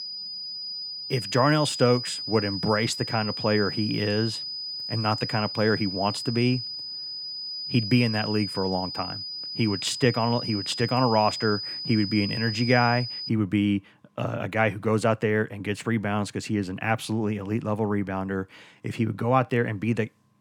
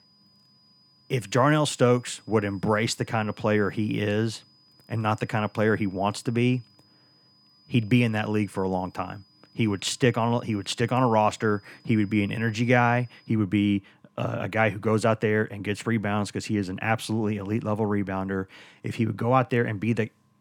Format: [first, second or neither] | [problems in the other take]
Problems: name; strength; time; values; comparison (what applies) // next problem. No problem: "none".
second | high-pitched whine; loud; until 13 s; 5 kHz, 6 dB below the speech; faint in the second